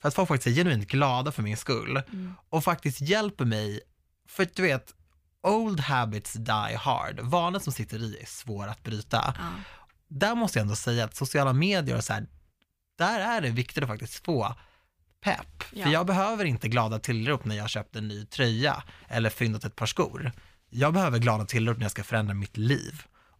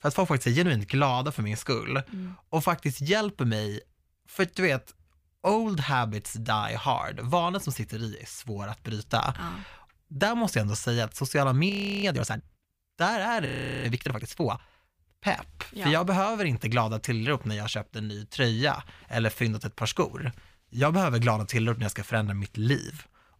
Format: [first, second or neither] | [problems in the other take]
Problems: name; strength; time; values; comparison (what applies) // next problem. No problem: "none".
first | audio freezing; at 12 s and at 13 s